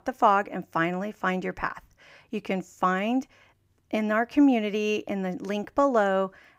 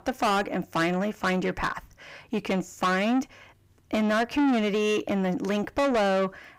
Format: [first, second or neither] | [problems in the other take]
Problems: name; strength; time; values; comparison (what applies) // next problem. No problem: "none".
first | distortion; heavy; 6 dB below the speech